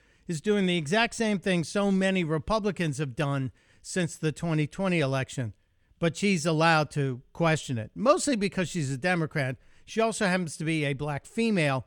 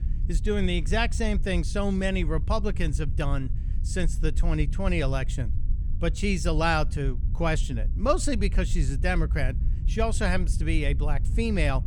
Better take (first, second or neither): first